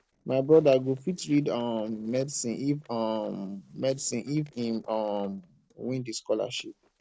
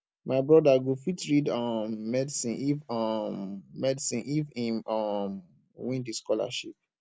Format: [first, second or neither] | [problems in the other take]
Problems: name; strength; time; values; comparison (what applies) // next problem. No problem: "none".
second | noise reduction (neural separator model SepFormer DNS4)